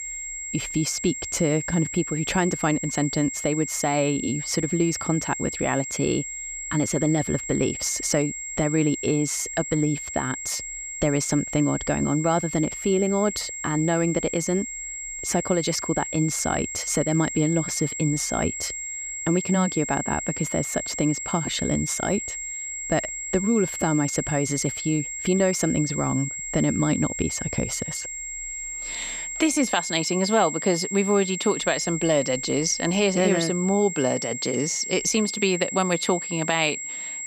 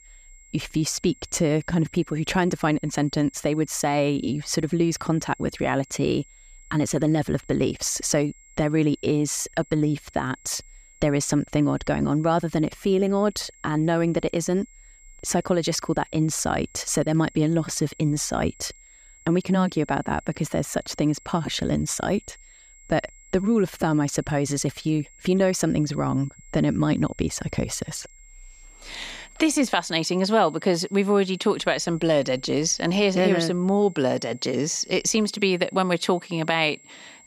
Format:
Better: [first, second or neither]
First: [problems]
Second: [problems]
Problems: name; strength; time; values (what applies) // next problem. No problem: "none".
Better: second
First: high-pitched whine; loud; throughout; 7.5 kHz, 5 dB below the speech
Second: high-pitched whine; faint; throughout; 7.5 kHz, 25 dB below the speech